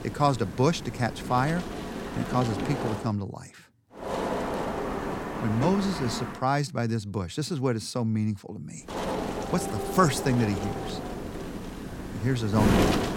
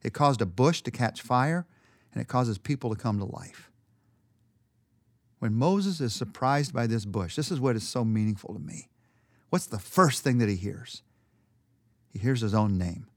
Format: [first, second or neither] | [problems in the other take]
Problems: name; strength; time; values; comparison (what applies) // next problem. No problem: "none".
second | wind noise on the microphone; heavy; until 3 s, from 4 to 6.5 s and from 9 s on; 4 dB below the speech